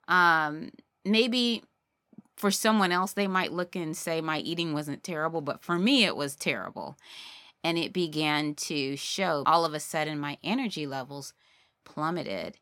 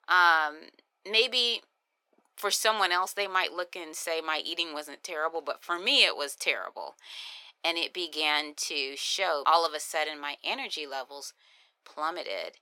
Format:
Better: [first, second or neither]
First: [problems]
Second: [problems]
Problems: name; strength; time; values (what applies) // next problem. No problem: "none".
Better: first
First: none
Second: thin; very; fading below 450 Hz